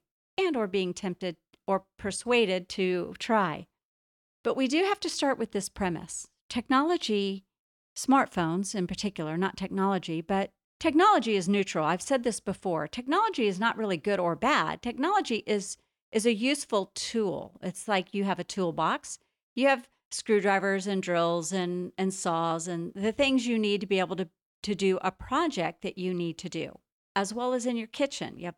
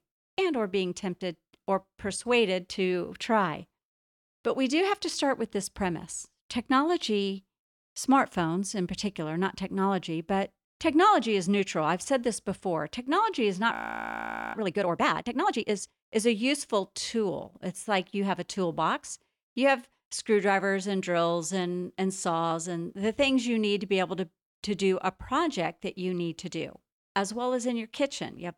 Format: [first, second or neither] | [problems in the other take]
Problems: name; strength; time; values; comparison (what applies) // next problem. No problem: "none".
first | audio freezing; at 14 s for 1 s